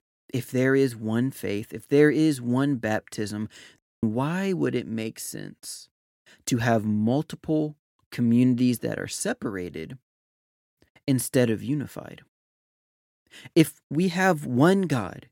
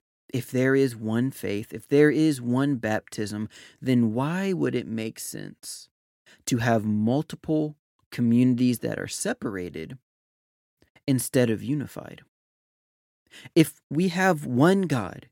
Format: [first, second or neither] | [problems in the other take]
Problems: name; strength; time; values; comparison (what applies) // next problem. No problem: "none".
second | audio cutting out; at 4 s